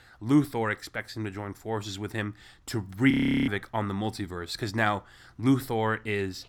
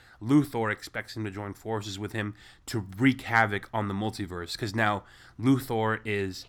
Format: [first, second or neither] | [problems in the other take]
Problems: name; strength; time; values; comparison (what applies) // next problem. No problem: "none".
second | audio freezing; at 3 s